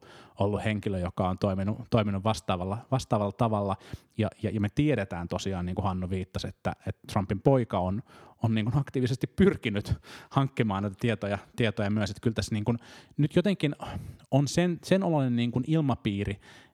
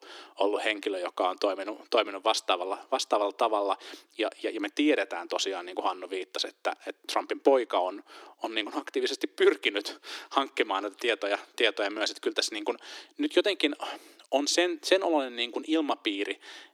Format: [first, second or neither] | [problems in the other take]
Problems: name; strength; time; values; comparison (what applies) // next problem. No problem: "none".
first | thin; very; fading below 300 Hz